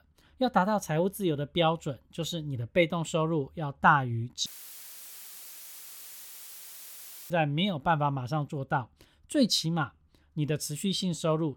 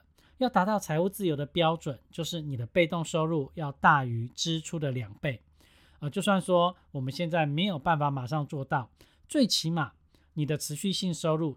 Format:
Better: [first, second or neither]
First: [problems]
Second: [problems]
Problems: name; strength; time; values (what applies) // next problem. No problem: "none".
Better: second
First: audio cutting out; filled with static; at 4.5 s for 3 s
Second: none